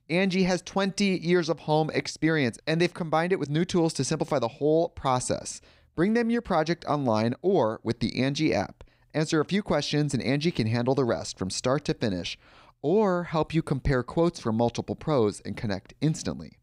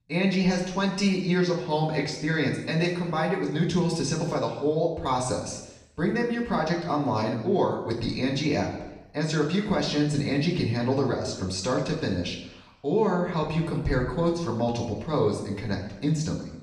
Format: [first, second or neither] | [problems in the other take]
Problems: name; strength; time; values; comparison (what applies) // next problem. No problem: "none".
first | room echo; noticeable; dies away in 0.8 s // off-mic speech; far